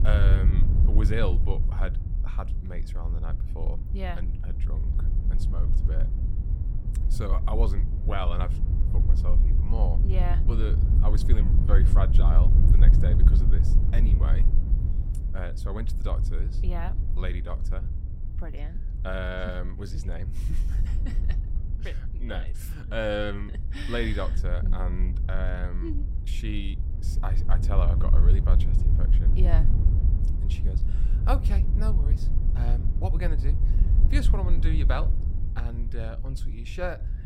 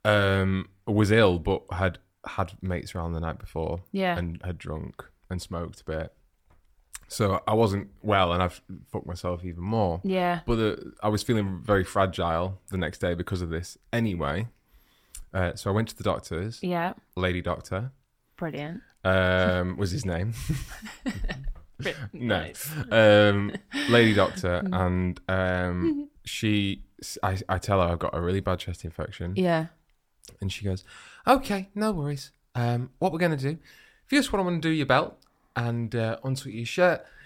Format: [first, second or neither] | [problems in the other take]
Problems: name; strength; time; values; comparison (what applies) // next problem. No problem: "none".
second | wind noise on the microphone; heavy; 7 dB below the speech